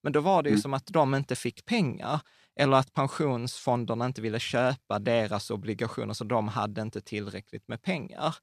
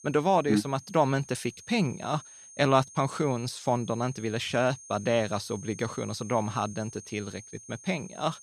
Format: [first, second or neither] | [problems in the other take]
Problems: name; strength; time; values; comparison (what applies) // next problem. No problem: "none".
first | high-pitched whine; noticeable; throughout; 6.5 kHz, 15 dB below the speech